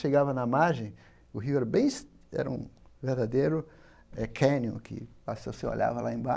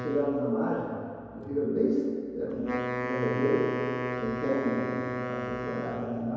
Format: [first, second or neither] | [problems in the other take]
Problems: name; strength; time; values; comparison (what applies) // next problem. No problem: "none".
first | background sound (Wind instrument, woodwind instrument); 5 dB below the speech // room echo; dies away in 2.2 s